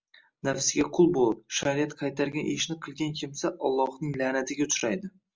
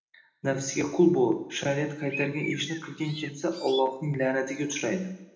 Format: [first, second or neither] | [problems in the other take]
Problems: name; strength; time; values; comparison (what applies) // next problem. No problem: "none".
first | background sound (Bird); 12 dB below the speech // room echo; dies away in 0.9 s